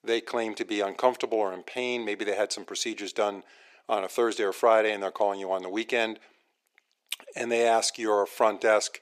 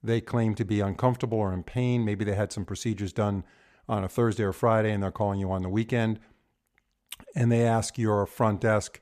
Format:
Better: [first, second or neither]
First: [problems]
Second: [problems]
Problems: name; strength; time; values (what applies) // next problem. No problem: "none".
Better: second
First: thin; very; fading below 350 Hz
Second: none